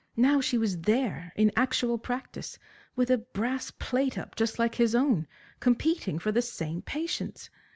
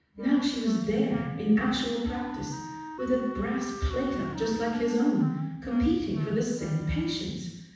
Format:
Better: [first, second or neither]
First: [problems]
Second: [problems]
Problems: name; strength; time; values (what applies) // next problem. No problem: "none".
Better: first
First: none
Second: background sound (Wind instrument, woodwind instrument); 13 dB below the speech // room echo; dies away in 1.1 s